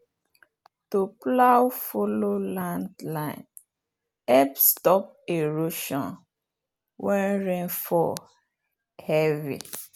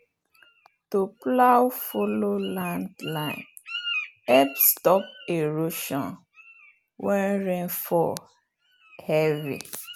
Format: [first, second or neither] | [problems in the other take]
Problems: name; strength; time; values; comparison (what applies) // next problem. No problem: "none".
first | background sound (Bird); 15 dB below the speech